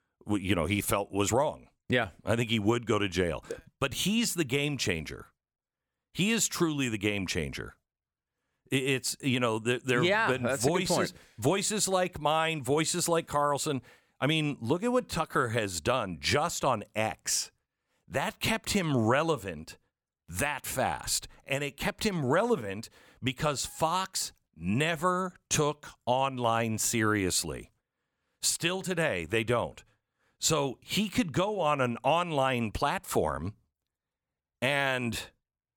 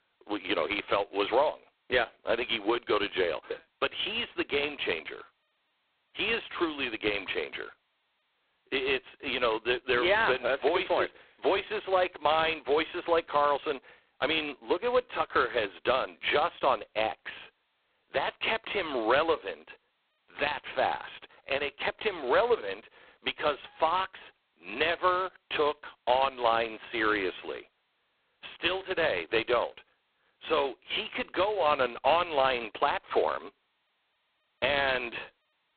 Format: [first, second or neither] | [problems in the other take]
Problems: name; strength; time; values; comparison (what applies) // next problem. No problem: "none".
first | phone-call audio; poor line; nothing above 4 kHz